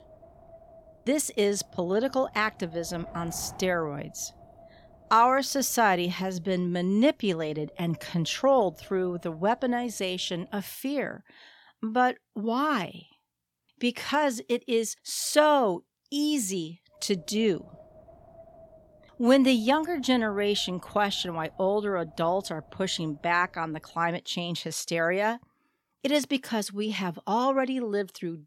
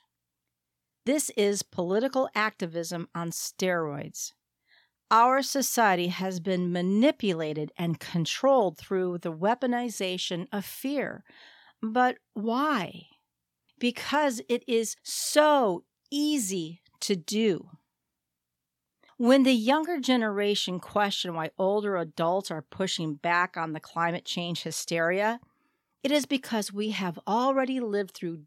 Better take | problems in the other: second | wind noise on the microphone; occasional gusts; until 11 s and from 17 to 24 s; 25 dB below the speech

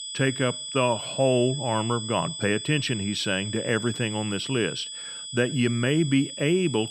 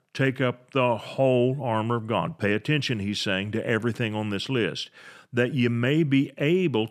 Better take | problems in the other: second | high-pitched whine; loud; throughout; 3.5 kHz, 8 dB below the speech

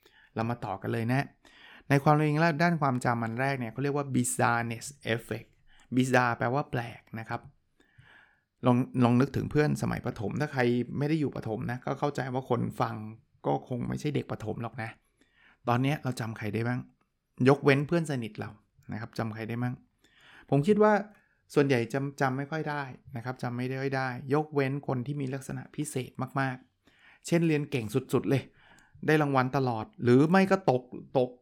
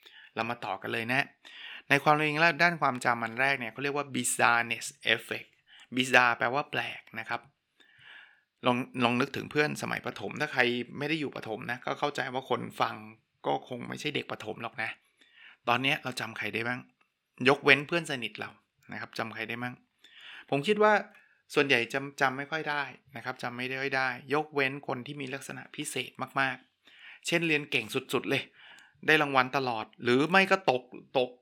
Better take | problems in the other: first | thin; somewhat; fading below 1 kHz

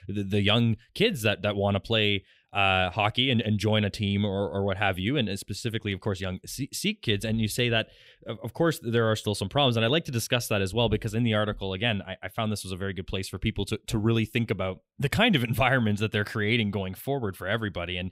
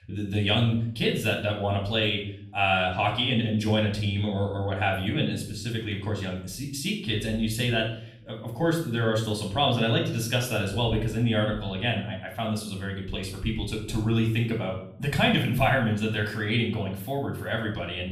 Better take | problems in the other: first | room echo; noticeable; dies away in 0.5 s // off-mic speech; far

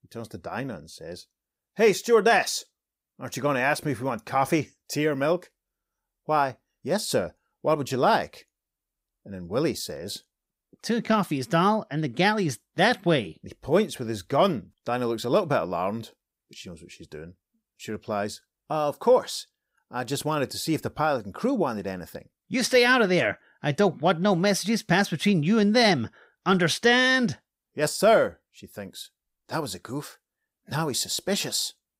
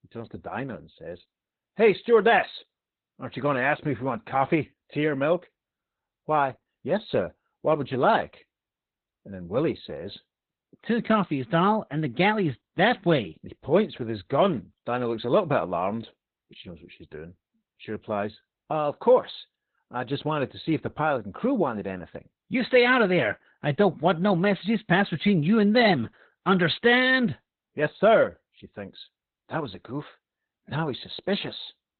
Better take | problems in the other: first | garbled, watery; badly; nothing above 4 kHz

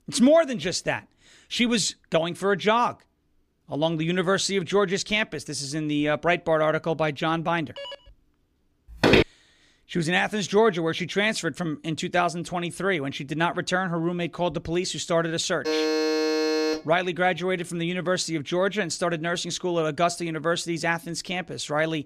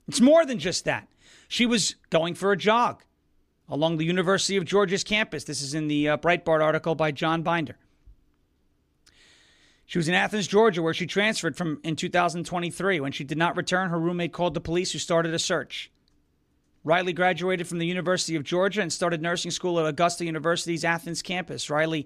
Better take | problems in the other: second | phone ringing; faint; at 8 s; peak 15 dB below the speech // footsteps; loud; at 9 s; peak 6 dB above the speech // alarm; loud; from 16 to 17 s; peak 1 dB above the speech

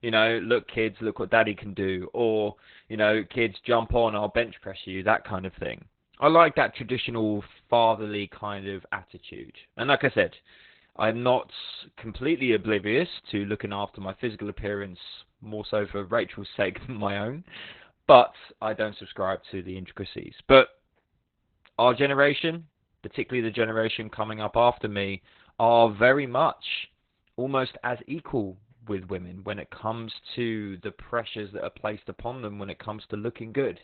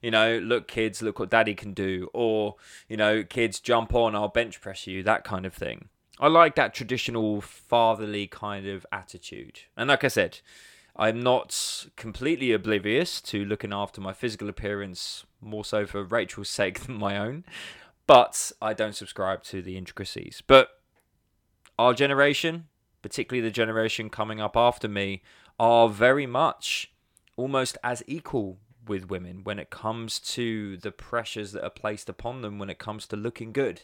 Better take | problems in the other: second | garbled, watery; badly; nothing above 4 kHz

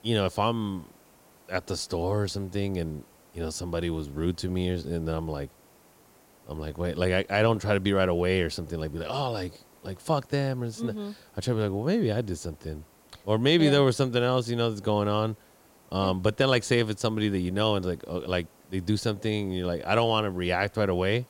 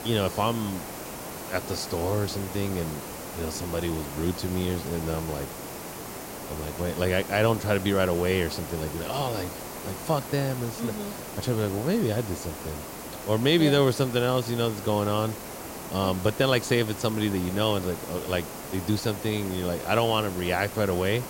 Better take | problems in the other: first | hiss; loud; throughout; 9 dB below the speech; faint in the first

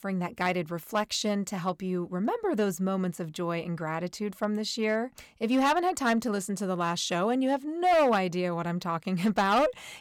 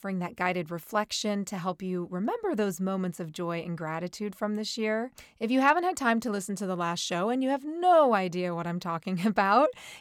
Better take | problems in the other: second | distortion; slight; 3% of the sound clipped

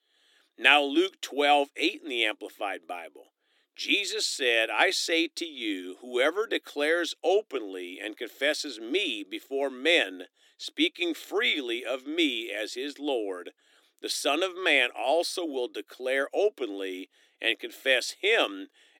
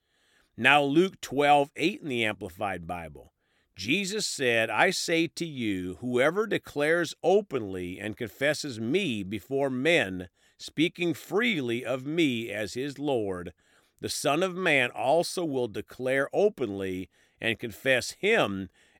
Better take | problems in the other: second | thin; very slightly; fading below 300 Hz

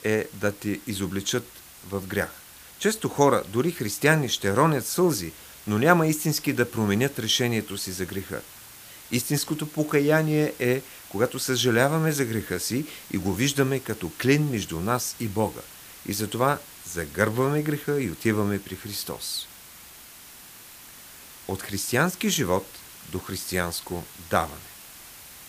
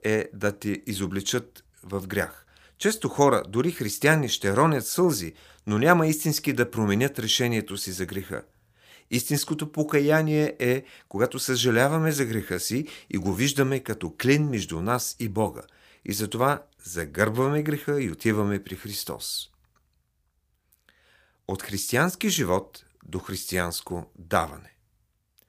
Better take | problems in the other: second | hiss; noticeable; throughout; 20 dB below the speech

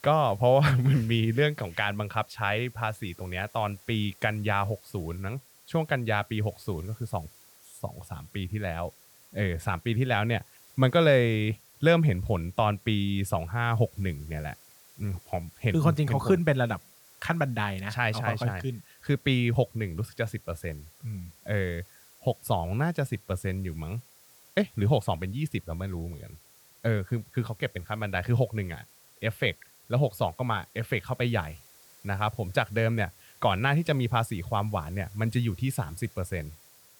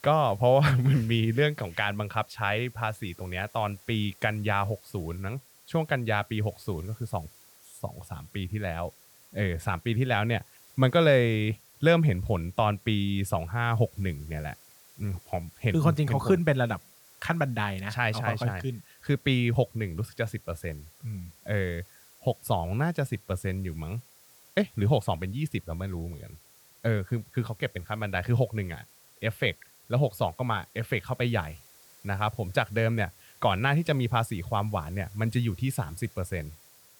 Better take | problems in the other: neither | hiss; faint; throughout; 25 dB below the speech; the same in both

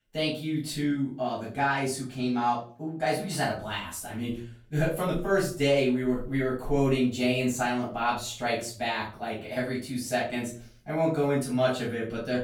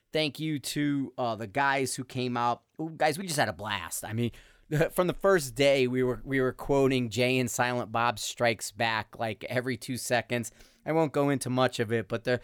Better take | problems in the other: second | off-mic speech; far // room echo; noticeable; dies away in 0.4 s

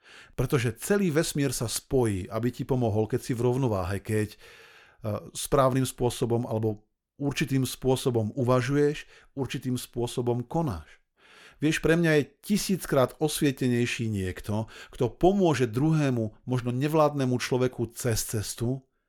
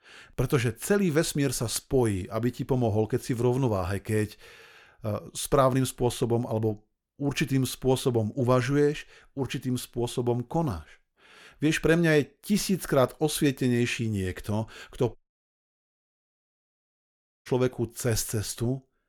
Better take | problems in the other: first | audio cutting out; at 15 s for 2.5 s

